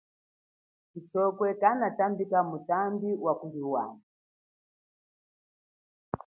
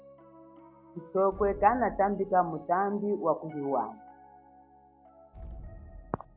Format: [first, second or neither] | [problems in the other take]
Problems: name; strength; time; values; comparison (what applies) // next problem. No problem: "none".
first | background sound (Explosion + Piano); 17 dB below the speech